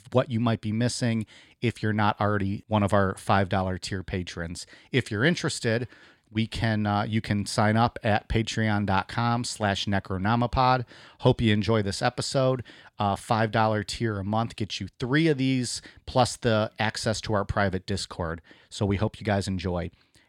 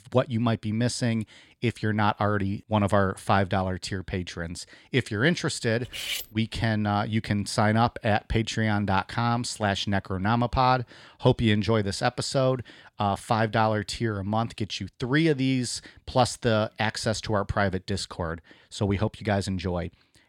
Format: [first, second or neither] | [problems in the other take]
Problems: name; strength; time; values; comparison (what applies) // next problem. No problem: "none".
first | clattering dishes; noticeable; at 6 s; peak 4 dB below the speech